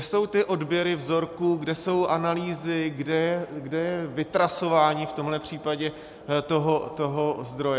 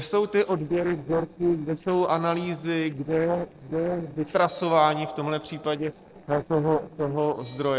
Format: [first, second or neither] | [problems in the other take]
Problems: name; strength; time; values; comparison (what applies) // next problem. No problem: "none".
first | noise reduction (neural separator model SepFormer DNS4)